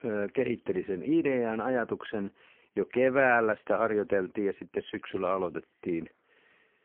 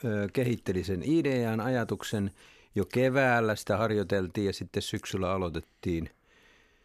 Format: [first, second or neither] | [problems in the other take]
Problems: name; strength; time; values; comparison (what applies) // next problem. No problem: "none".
second | phone-call audio; poor line